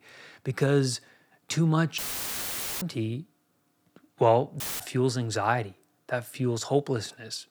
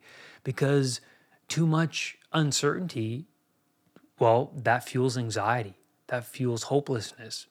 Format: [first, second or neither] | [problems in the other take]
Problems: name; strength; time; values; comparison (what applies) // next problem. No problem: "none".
second | audio cutting out; filled with static; at 2 s for 1 s and at 4.5 s